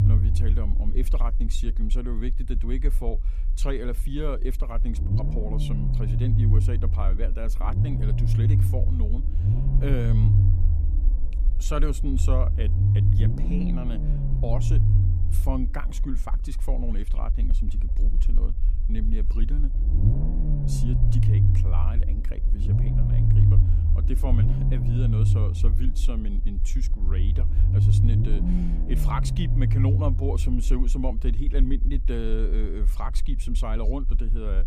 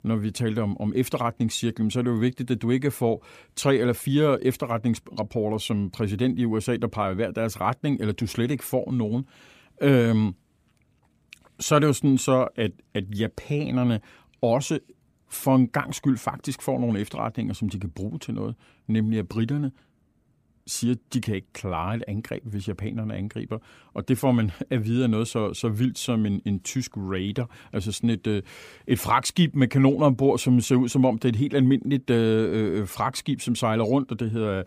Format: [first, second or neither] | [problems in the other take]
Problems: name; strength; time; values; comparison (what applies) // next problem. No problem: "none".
second | low rumble; loud; throughout; as loud as the speech